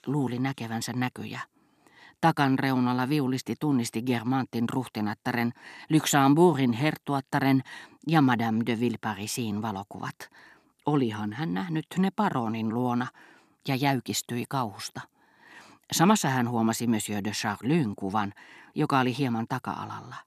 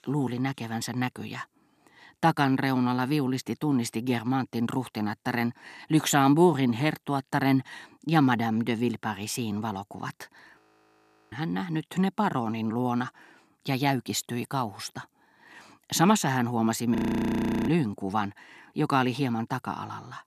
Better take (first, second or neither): first